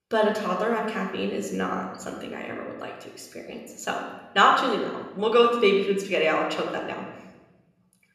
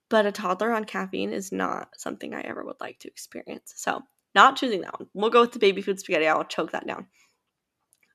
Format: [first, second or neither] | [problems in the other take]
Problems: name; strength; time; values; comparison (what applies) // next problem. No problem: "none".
second | off-mic speech; somewhat distant // room echo; noticeable; dies away in 1.3 s